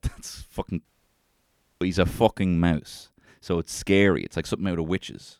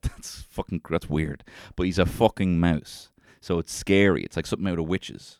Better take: second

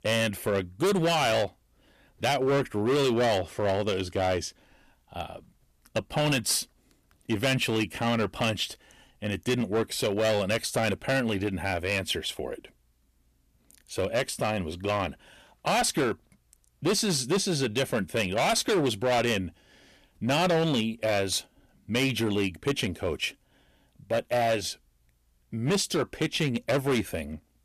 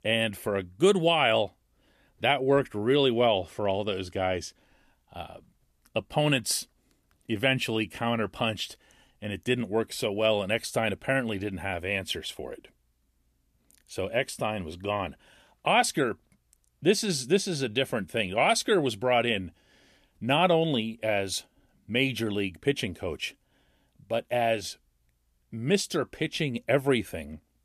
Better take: second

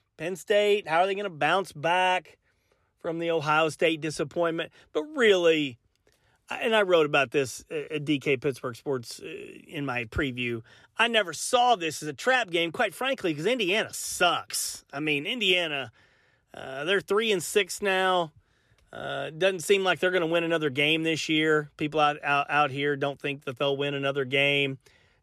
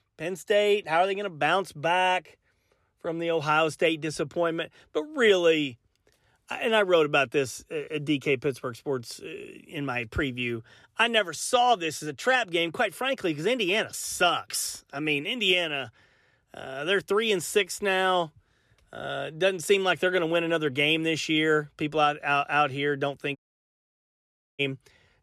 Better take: first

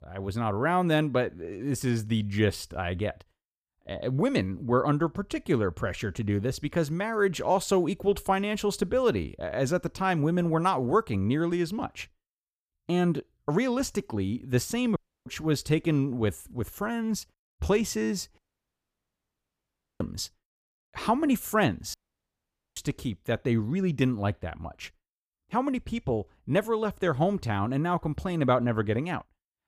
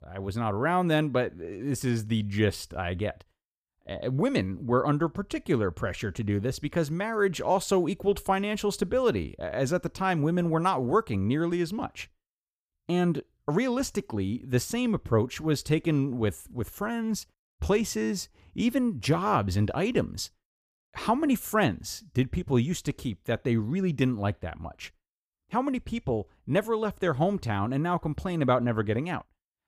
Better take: second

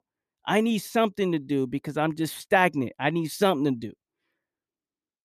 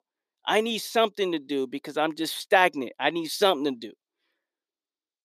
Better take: first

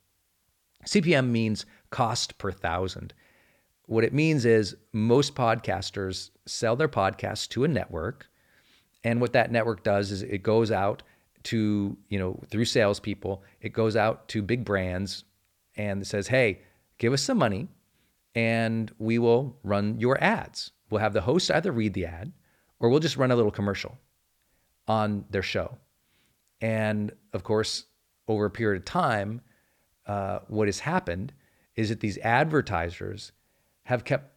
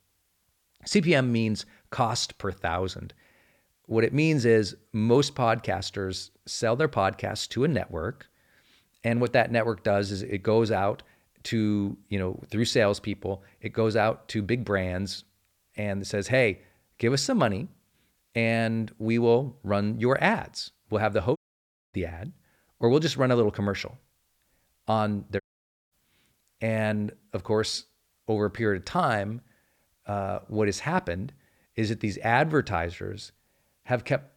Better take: first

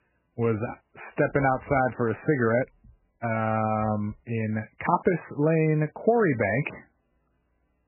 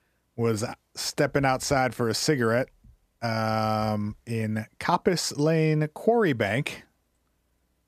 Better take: second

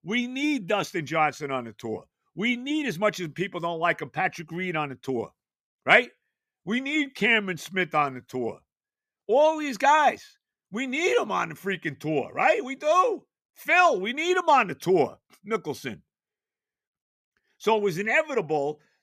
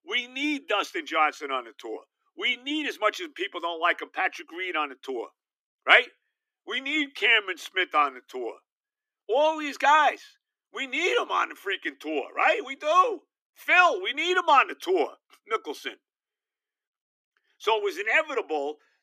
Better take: first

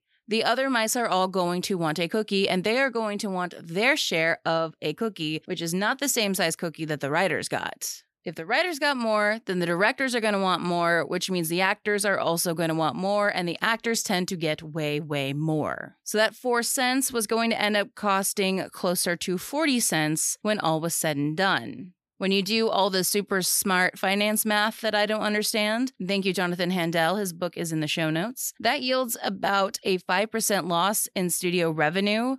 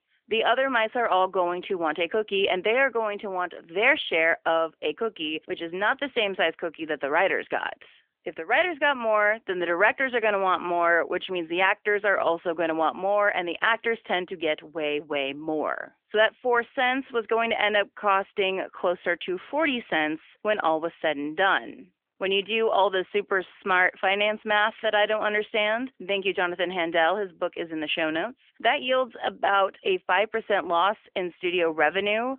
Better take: first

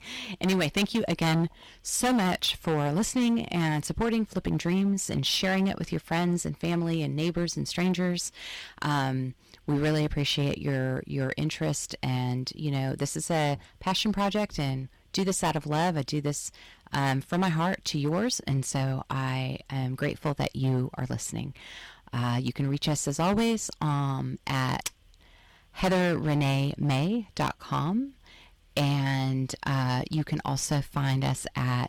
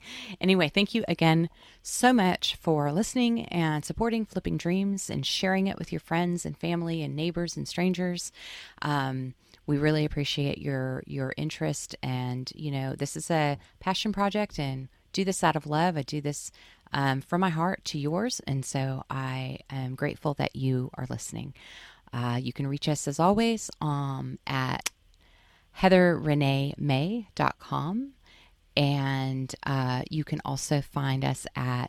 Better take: second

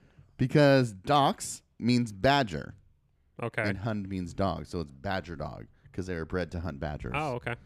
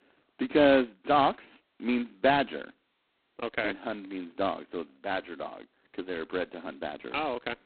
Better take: first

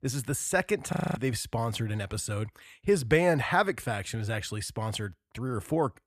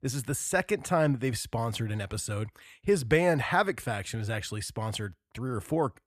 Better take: second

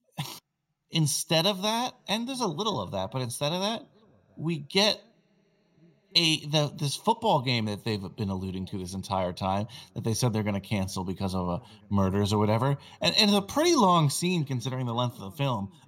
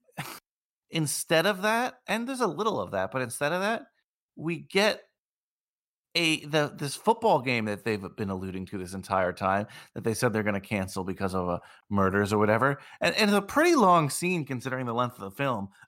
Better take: second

